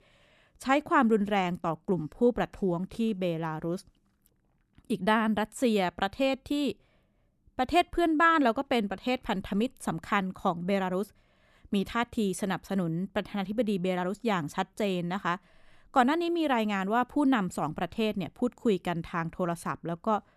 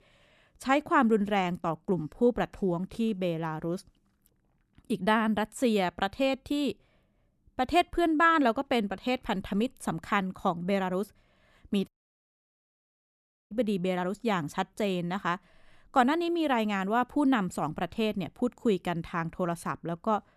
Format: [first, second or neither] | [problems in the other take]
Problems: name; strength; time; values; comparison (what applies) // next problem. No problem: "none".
first | audio cutting out; at 12 s for 1.5 s